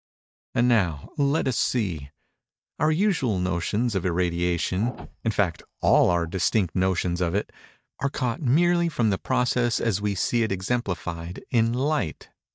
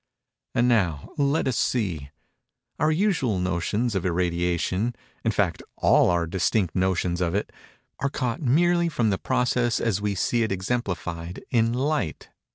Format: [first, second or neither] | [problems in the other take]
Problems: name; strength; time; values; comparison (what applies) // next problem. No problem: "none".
second | noise reduction (neural mask model DeepFilterNet 3)